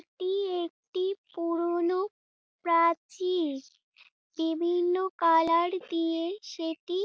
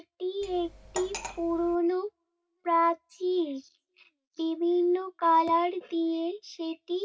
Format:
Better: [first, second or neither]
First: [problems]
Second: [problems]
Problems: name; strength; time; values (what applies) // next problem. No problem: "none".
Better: first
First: none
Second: background sound (Cutlery, silverware); 12 dB below the speech // room echo; dies away in 0.4 s